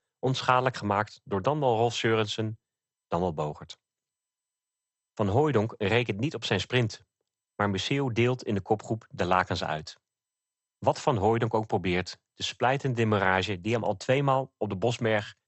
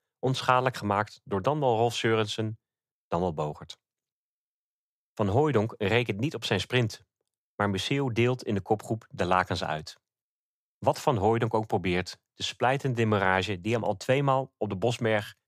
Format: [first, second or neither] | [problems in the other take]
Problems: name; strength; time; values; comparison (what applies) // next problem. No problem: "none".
second | garbled, watery; slightly; nothing above 8 kHz